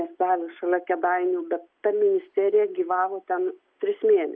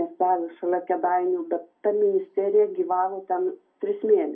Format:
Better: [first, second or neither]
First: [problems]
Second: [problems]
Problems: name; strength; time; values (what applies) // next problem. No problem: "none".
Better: first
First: none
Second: room echo; dies away in 0.2 s